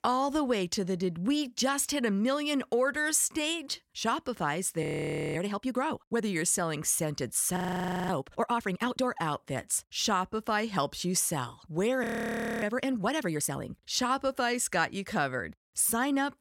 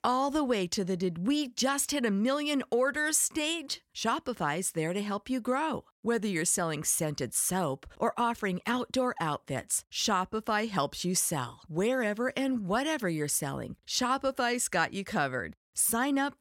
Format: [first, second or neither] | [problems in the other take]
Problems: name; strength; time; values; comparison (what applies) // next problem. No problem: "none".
second | audio freezing; at 5 s for 0.5 s, at 7.5 s for 0.5 s and at 12 s for 0.5 s